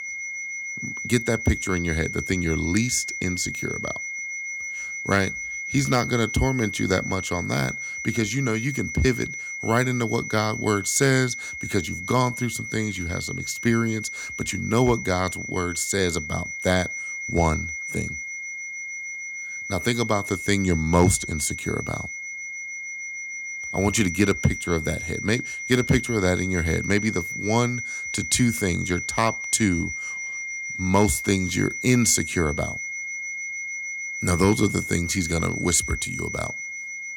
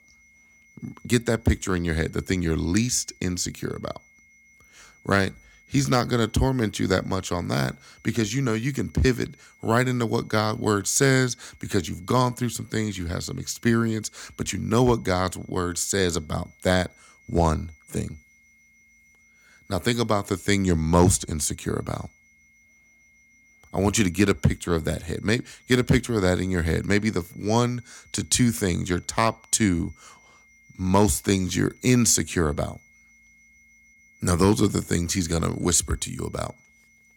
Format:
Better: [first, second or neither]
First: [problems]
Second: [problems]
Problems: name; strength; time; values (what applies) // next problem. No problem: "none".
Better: second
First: high-pitched whine; loud; throughout; 2 kHz, 6 dB below the speech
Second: high-pitched whine; faint; throughout; 2 kHz, 30 dB below the speech